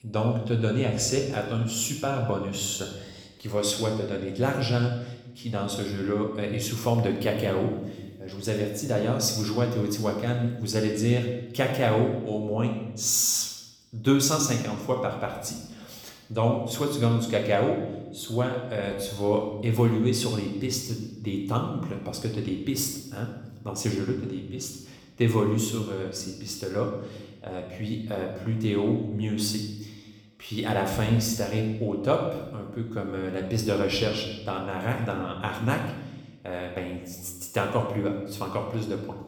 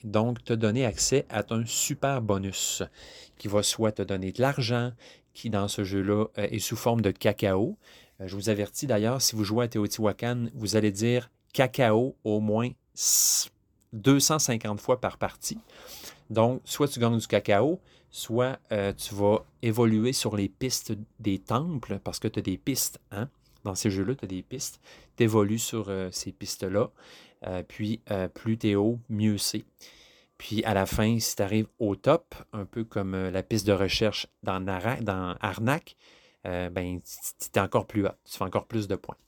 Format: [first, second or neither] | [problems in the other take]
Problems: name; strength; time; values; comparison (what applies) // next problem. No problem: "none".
second | room echo; noticeable; dies away in 0.9 s // off-mic speech; somewhat distant